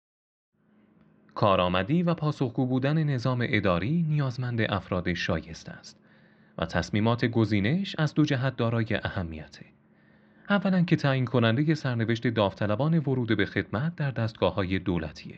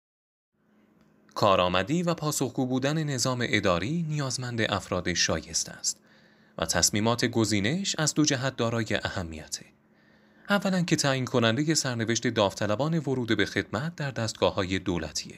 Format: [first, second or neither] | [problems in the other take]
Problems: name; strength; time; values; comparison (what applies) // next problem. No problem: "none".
second | muffled; very; fading above 3.5 kHz